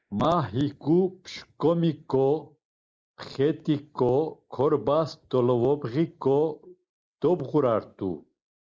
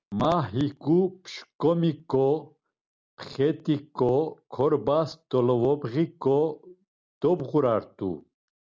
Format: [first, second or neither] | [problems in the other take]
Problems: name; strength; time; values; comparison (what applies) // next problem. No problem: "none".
second | noise reduction (neural mask model Resemble Enhance denoiser)